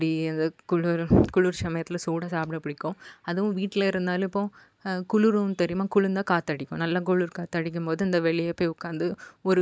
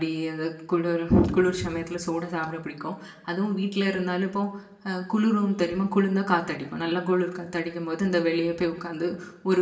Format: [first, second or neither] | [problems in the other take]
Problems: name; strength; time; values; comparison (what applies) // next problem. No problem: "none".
first | room echo; dies away in 0.8 s